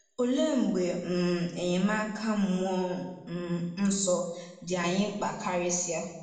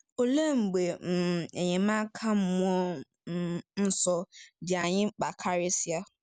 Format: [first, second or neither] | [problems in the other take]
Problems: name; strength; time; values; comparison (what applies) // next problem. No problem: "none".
second | room echo; dies away in 0.8 s